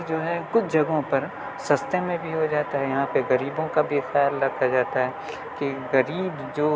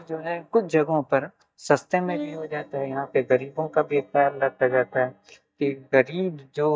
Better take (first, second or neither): first